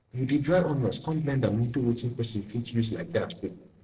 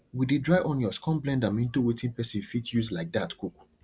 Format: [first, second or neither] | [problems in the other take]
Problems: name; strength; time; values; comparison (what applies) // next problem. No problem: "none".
second | noise reduction (neural separator model SepFormer DNS4)